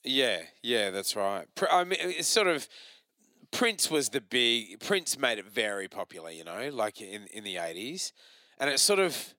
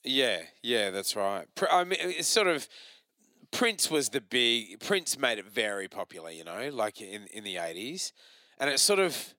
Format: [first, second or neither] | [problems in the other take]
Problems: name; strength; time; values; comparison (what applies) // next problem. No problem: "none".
neither | thin; somewhat; fading below 350 Hz; the same in both